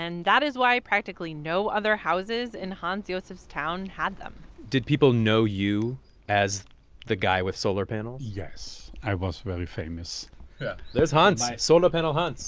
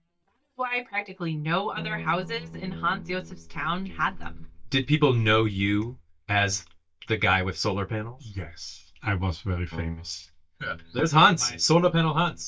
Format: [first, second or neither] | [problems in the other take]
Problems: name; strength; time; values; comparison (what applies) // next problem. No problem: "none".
first | noise reduction (neural mask model DeepFilterNet 3)